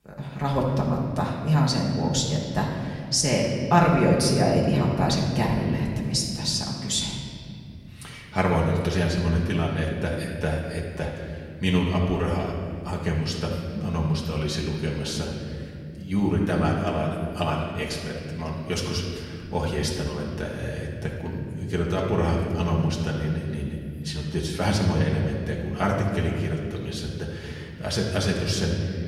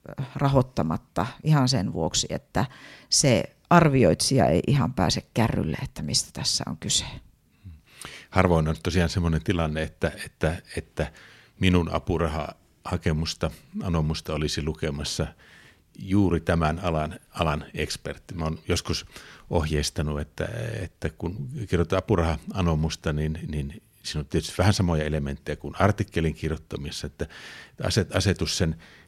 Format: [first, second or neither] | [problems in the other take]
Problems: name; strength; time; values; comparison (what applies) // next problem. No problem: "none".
second | room echo; noticeable; dies away in 2.3 s // off-mic speech; far